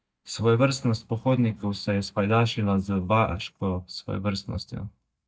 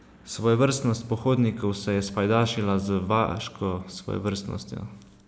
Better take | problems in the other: second | noise reduction (neural mask model DeepFilterNet 3)

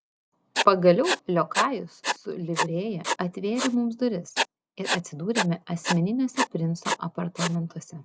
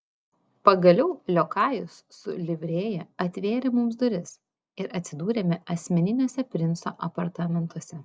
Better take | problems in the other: second | background sound (Writing); 5 dB below the speech

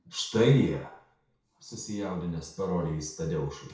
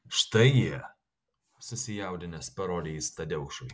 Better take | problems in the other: second | room echo; dies away in 0.6 s

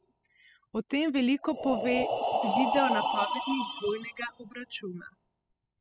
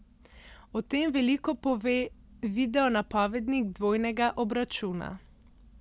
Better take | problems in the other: second | noise reduction (classical method spectral subtraction)

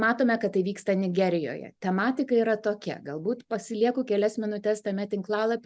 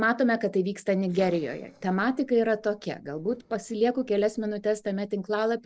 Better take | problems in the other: first | noise reduction (neural separator model SepFormer DNS4)

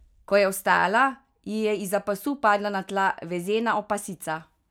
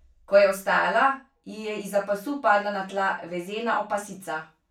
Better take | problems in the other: first | room echo; dies away in 0.3 s

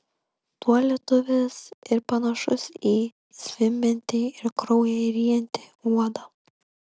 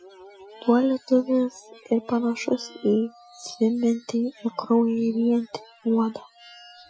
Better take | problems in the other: first | noise reduction (classical method Wiener filter)

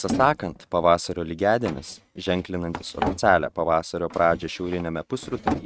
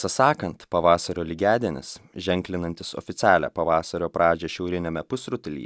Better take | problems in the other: second | noise reduction (neural mask model RNNoise)

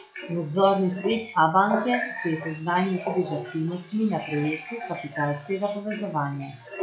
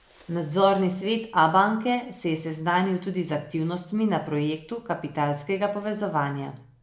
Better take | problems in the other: second | noise reduction (classical method log-MMSE)

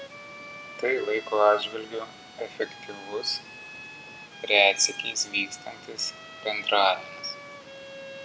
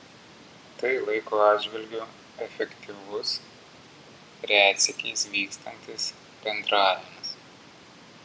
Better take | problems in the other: second | background sound (Bowed string instrument); 16 dB below the speech

